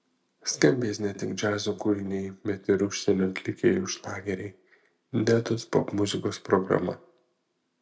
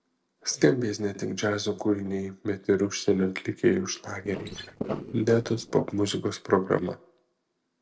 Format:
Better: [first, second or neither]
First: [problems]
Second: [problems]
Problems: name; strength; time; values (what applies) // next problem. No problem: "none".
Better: first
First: none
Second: noise reduction (neural separator model SepFormer DNS4)